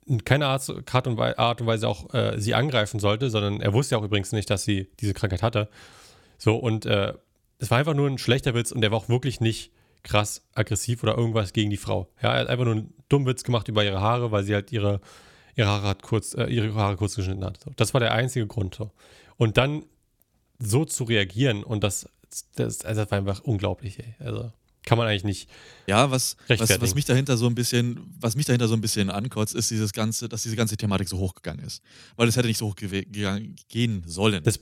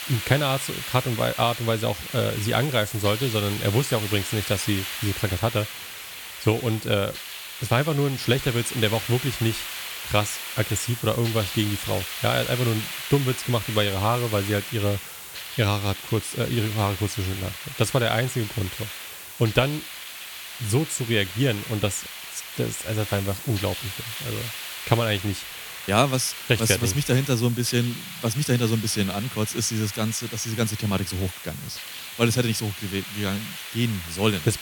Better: first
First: none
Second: hiss; loud; throughout; 8 dB below the speech

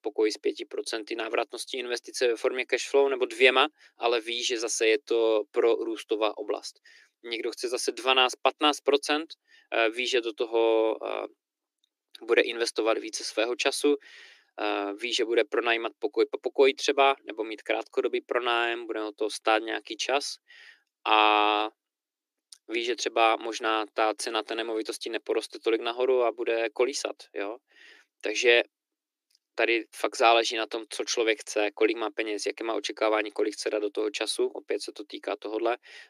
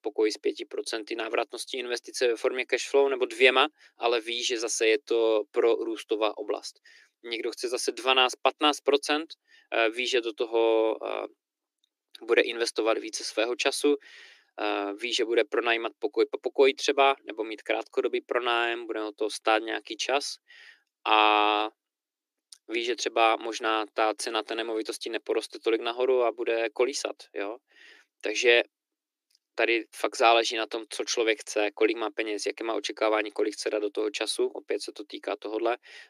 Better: neither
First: thin; very; fading below 300 Hz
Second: thin; very; fading below 300 Hz

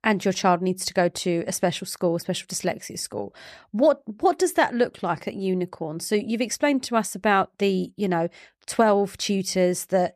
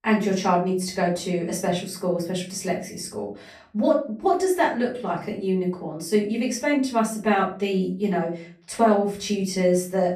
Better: first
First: none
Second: room echo; slight; dies away in 0.4 s // off-mic speech; far

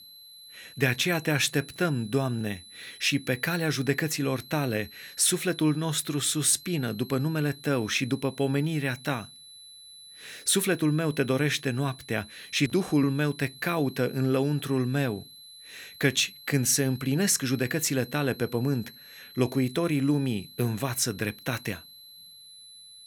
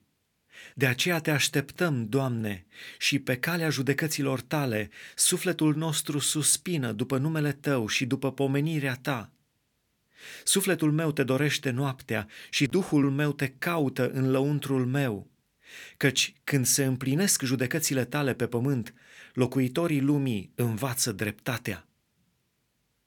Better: second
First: high-pitched whine; noticeable; throughout; 4 kHz, 20 dB below the speech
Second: none

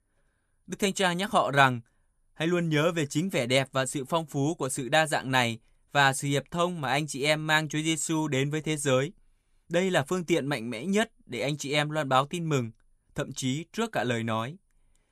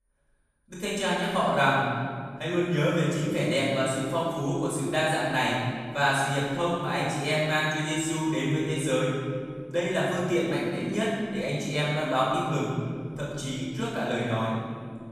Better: first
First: none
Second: off-mic speech; far // room echo; strong; dies away in 1.9 s

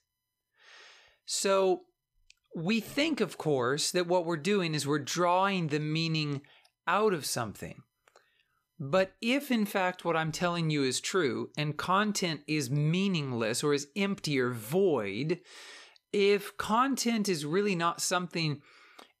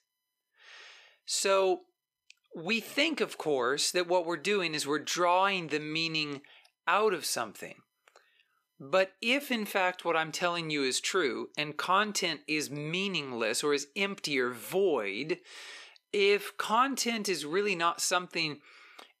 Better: first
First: none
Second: thin; very slightly; fading below 300 Hz

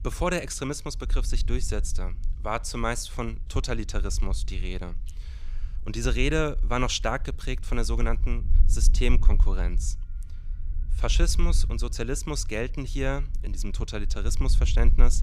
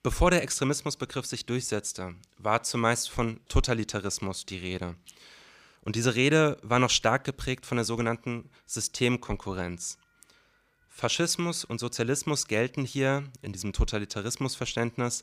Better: second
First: low rumble; faint; throughout; 20 dB below the speech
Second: none

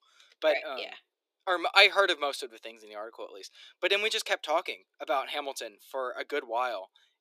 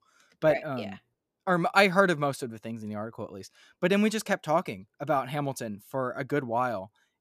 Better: second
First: thin; very; fading below 350 Hz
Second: none

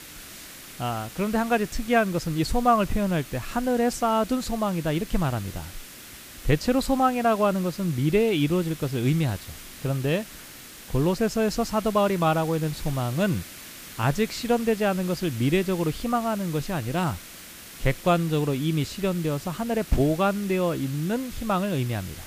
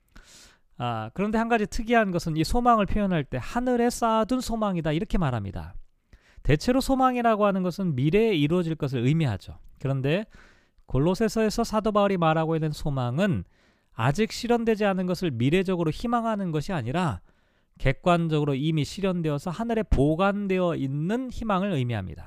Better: second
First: hiss; noticeable; throughout; 15 dB below the speech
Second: none

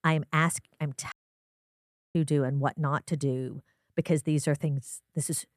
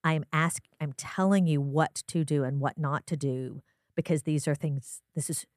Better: second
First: audio cutting out; at 1 s for 1 s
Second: none

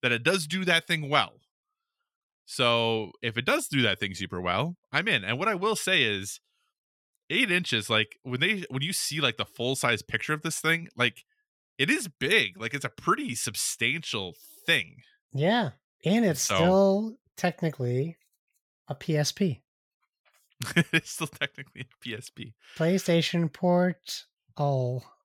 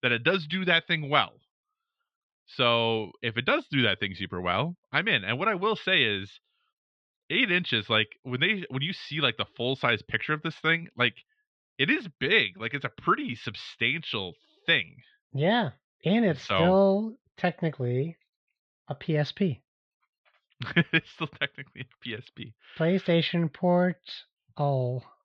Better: first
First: none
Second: muffled; slightly; fading above 4 kHz

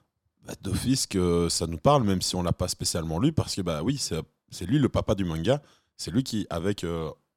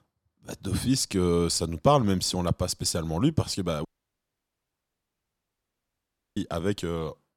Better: first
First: none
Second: audio cutting out; at 4 s for 2.5 s

